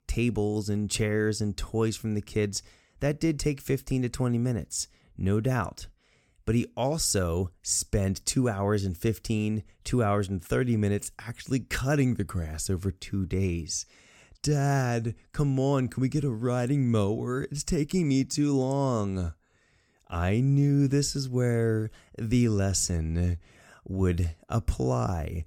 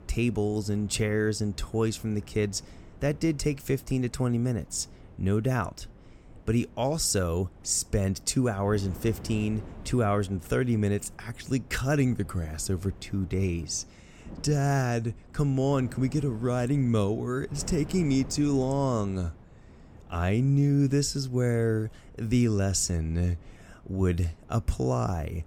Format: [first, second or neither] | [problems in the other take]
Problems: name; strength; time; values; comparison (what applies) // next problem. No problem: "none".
first | wind noise on the microphone; occasional gusts; 20 dB below the speech